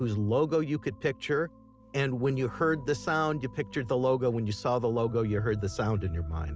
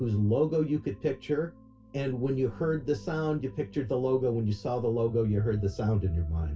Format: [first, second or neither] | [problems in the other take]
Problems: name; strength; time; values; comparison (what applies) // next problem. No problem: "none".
first | room echo; dies away in 0.2 s